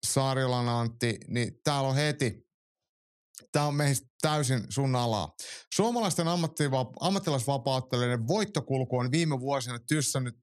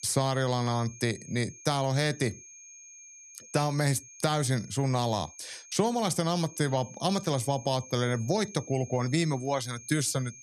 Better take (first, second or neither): first